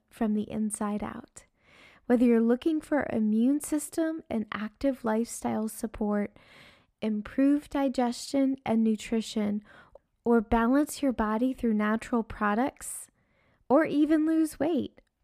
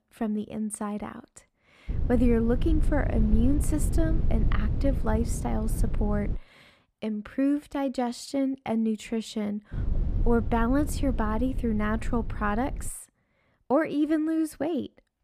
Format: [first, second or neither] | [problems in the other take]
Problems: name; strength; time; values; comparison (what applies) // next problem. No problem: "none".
first | low rumble; noticeable; from 2 to 6.5 s and from 9.5 to 13 s; 15 dB below the speech